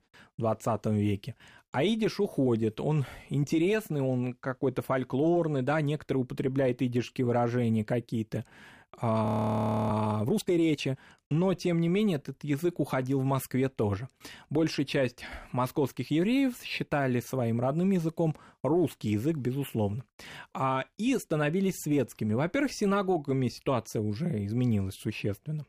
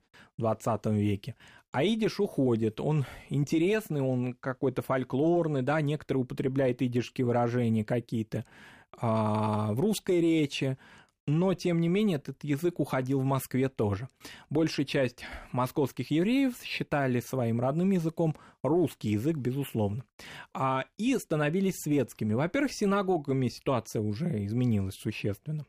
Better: second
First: audio freezing; at 9.5 s for 0.5 s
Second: none

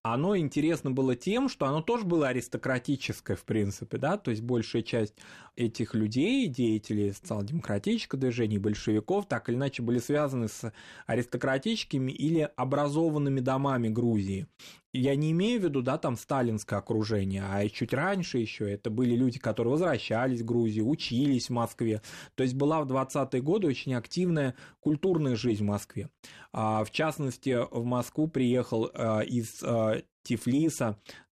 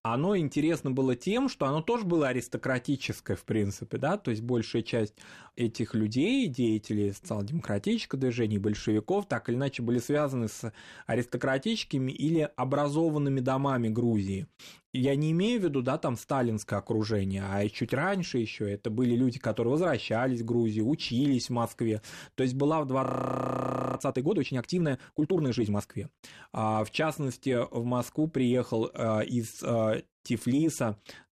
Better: first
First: none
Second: audio freezing; at 23 s for 1 s

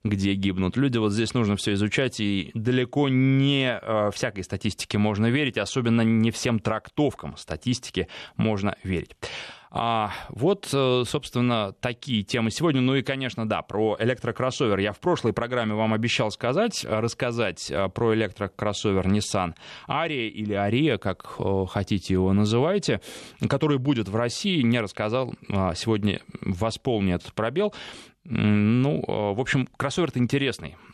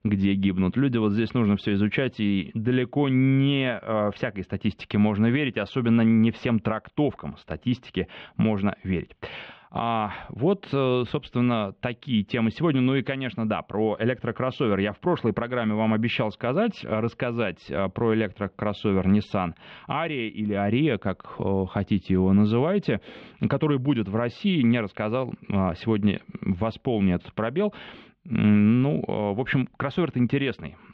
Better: first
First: none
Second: muffled; very; fading above 3 kHz

